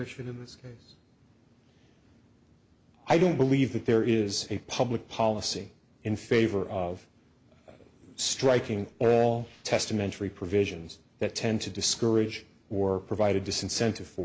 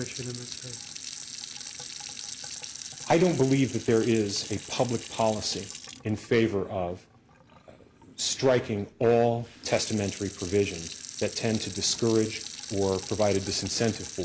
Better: first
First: none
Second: background sound (Sink (filling or washing) / Water tap, faucet); 13 dB below the speech

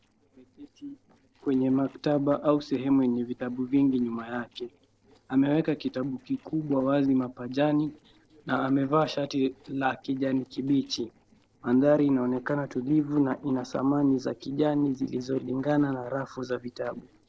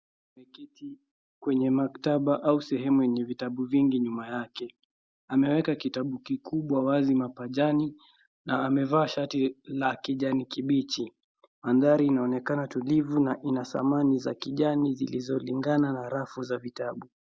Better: second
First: noise reduction (neural separator model SepFormer DNS4)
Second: none

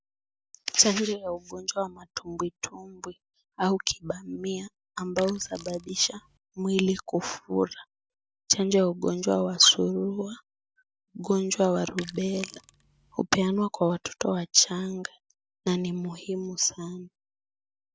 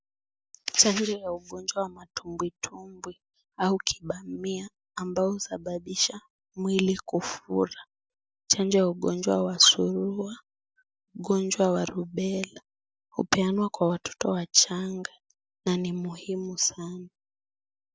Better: second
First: background sound (Sink (filling or washing)); 16 dB below the speech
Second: none

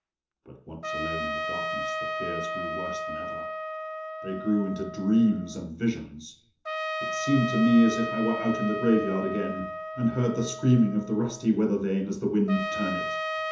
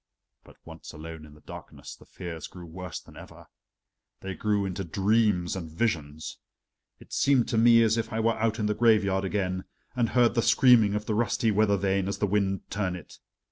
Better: second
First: background sound (Trumpet); 7 dB below the speech // room echo; dies away in 0.6 s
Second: none

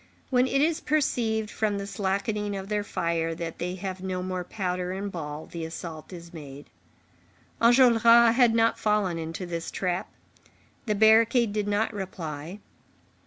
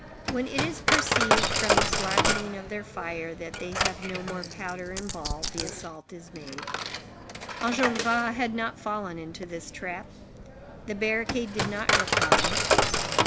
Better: first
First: none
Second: background sound (Coin (dropping)); 4 dB above the speech

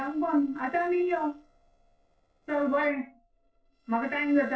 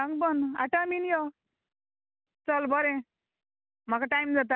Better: second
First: noise reduction (neural separator model SepFormer DNS4)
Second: none

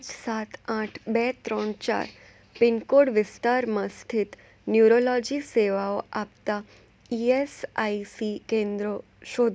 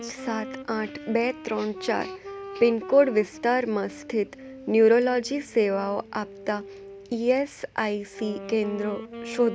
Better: first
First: none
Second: background sound (Wind instrument, woodwind instrument); 15 dB below the speech

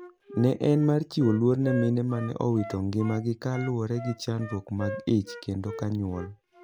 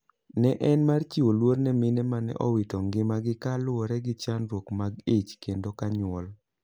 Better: second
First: background sound (Wind instrument, woodwind instrument); 14 dB below the speech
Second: none

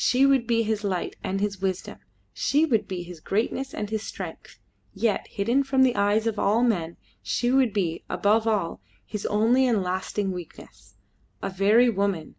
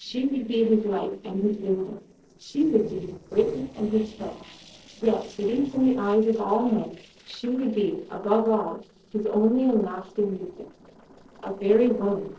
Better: first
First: none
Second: noise reduction (neural separator model SepFormer DNS4)

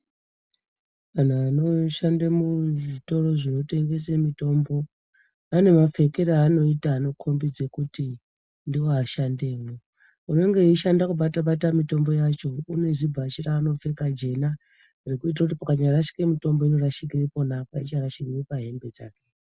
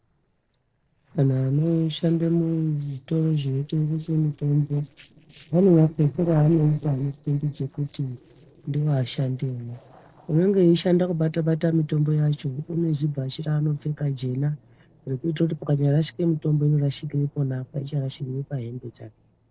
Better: first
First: none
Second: noise reduction (neural separator model SepFormer DNS4)

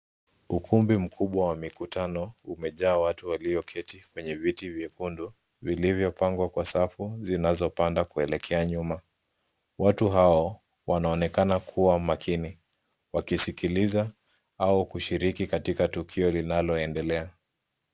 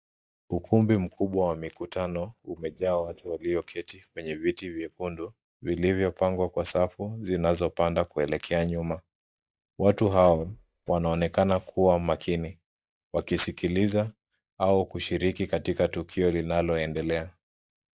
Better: first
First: none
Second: noise reduction (neural mask model DeepFilterNet 3)

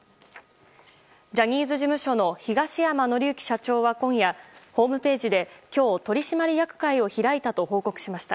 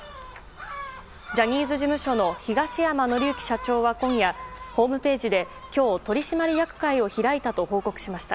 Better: first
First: none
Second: background sound (Gull, seagull); 14 dB below the speech

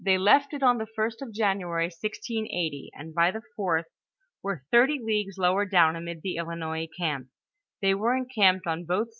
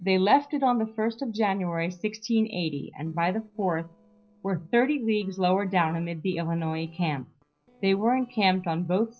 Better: first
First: none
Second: noise reduction (neural separator model SepFormer DNS4)

